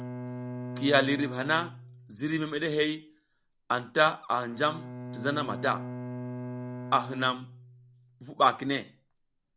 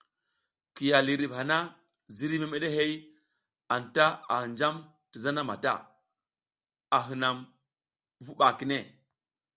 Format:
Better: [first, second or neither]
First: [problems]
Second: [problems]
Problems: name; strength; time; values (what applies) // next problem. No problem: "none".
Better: second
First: background sound (Bowed string instrument); 11 dB below the speech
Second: none